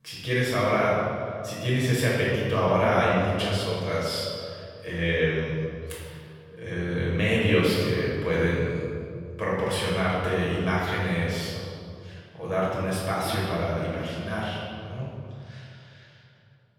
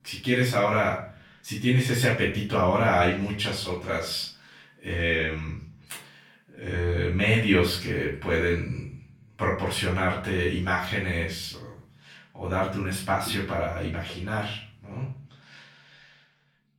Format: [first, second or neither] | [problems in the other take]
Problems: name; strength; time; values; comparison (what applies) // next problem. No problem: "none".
second | room echo; strong; dies away in 2.2 s; slight in the second // off-mic speech; far; far in the second